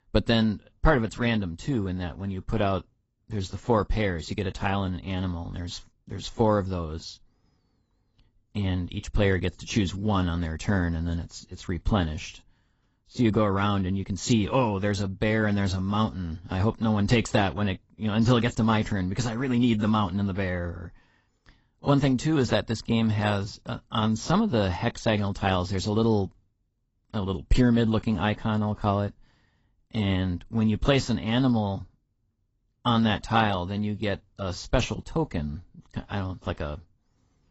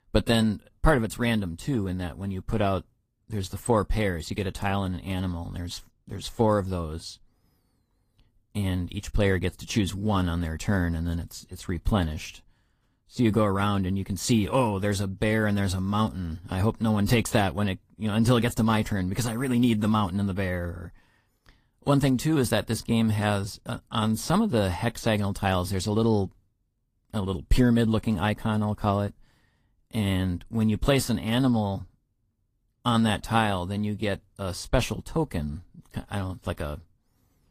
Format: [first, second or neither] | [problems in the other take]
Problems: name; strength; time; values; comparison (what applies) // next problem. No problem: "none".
second | garbled, watery; badly; nothing above 8 kHz; slightly in the second